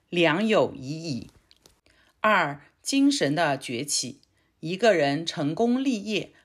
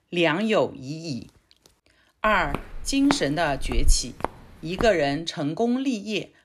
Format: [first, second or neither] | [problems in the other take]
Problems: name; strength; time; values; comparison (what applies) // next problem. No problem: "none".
first | footsteps; noticeable; from 2.5 to 5 s; peak 3 dB below the speech